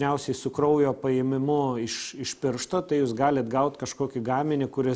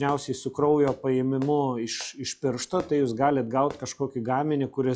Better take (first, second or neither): first